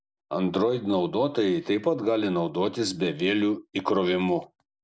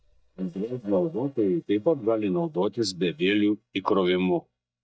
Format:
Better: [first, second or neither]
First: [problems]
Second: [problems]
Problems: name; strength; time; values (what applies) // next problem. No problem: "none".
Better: first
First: none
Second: noise reduction (neural mask model DeepFilterNet 3)